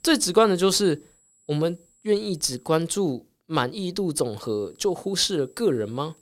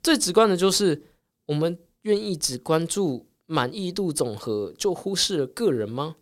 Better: second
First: high-pitched whine; faint; until 2.5 s and from 4.5 s on; 7.5 kHz, 35 dB below the speech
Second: none

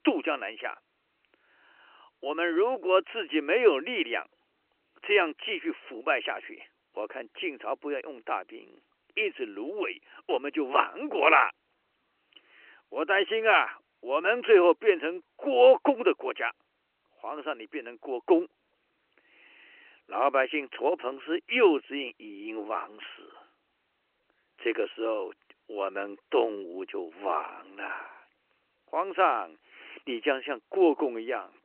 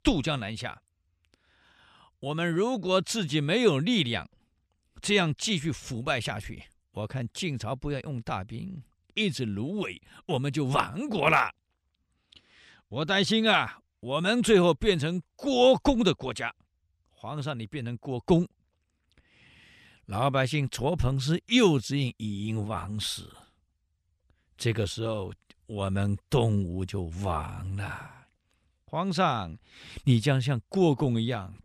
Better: second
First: phone-call audio; nothing above 3 kHz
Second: none

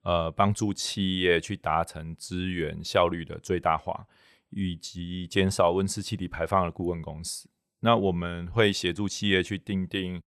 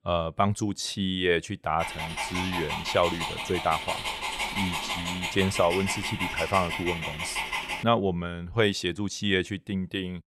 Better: first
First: none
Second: dog barking; noticeable; from 2 to 8 s; peak level with the speech

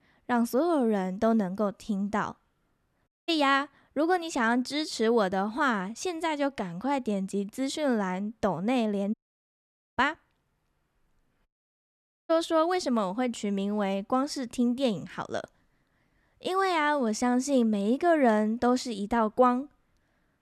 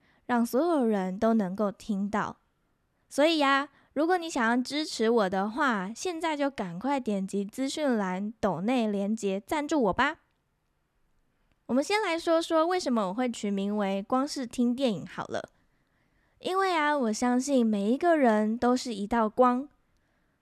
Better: second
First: audio cutting out; at 3 s, at 9 s for 1 s and at 11 s for 1 s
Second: none

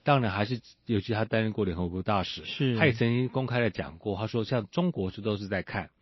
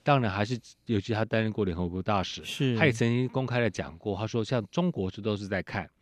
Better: second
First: garbled, watery; slightly; nothing above 5.5 kHz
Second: none

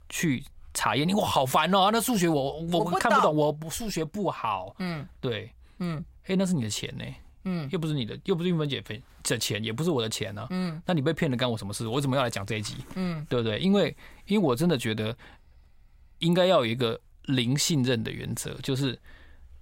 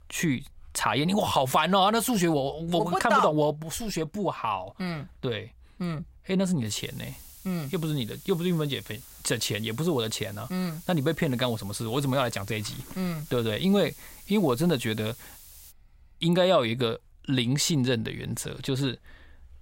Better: first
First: none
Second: hiss; noticeable; from 6.5 to 16 s; 20 dB below the speech

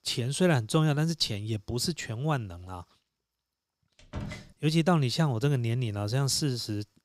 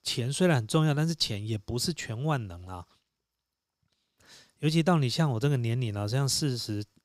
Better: second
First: door banging; faint; at 4 s; peak 10 dB below the speech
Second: none

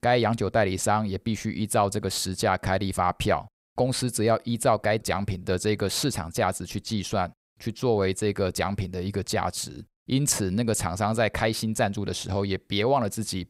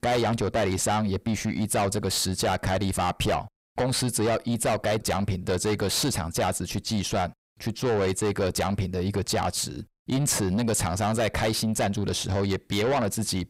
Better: first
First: none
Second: distortion; heavy; 7 dB below the speech

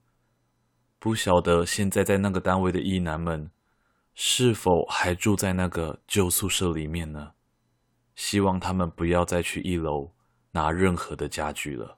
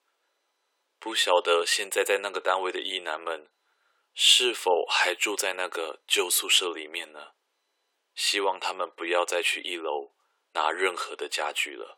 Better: first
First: none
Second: thin; very; fading below 350 Hz

